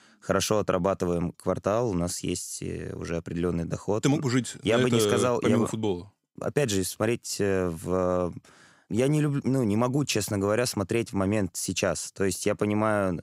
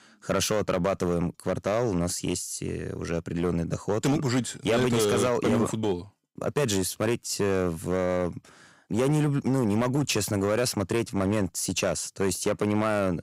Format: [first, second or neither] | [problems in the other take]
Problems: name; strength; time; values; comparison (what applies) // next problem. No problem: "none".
first | distortion; slight; 8% of the sound clipped